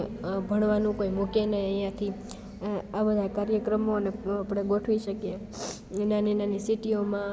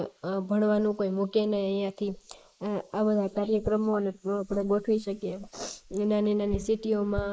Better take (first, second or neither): first